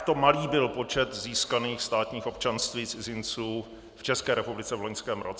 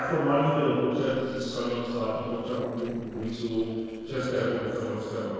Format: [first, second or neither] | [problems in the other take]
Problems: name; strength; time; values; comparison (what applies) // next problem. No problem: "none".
first | noise reduction (neural separator model SepFormer DNS4)